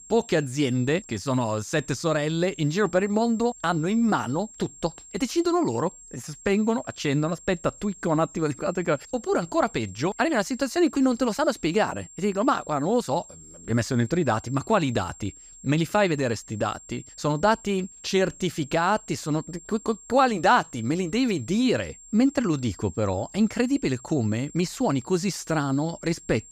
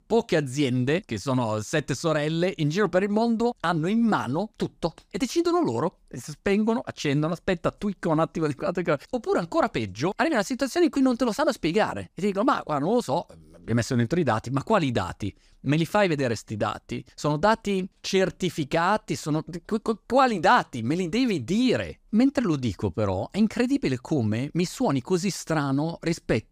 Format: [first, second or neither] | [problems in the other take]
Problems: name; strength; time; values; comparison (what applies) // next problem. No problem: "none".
second | high-pitched whine; noticeable; throughout; 7.5 kHz, 20 dB below the speech